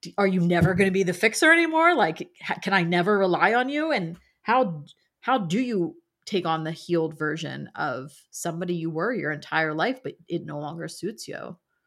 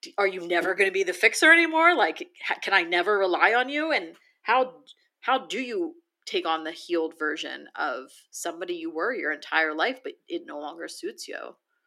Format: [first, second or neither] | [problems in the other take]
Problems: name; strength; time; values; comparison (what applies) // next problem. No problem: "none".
first | thin; very; fading below 300 Hz